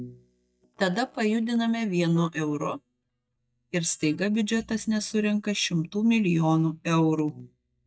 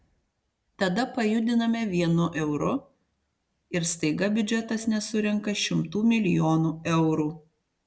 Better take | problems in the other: second | noise reduction (neural mask model DeepFilterNet 3)

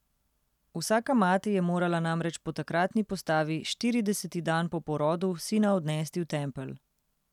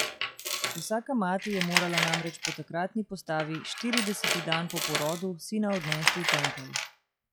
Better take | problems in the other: first | noise reduction (classical method log-MMSE)

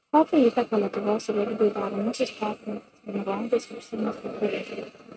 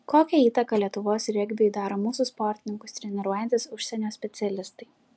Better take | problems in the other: second | noise reduction (neural mask model RNNoise)

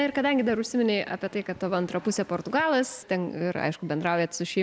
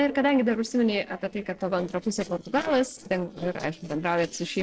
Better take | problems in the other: first | noise reduction (neural separator model SepFormer DNS4)

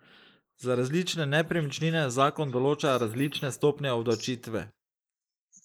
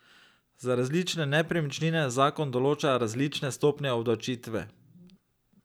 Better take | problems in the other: second | noise reduction (neural mask model Resemble Enhance denoiser)

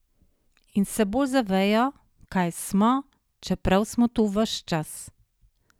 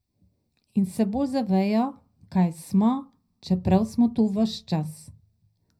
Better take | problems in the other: first | room echo; dies away in 0.3 s

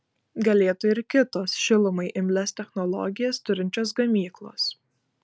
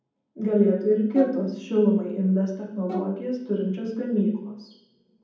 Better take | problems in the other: first | background sound (Bowed string instrument); 15 dB below the speech // room echo; dies away in 1.2 s

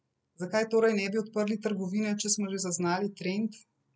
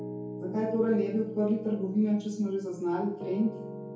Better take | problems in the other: first | background sound (Piano); 11 dB below the speech // room echo; dies away in 2.3 s

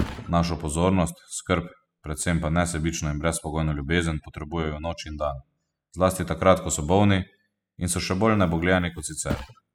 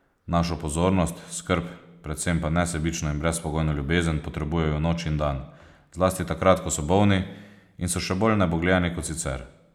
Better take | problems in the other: second | noise reduction (classical method spectral subtraction)

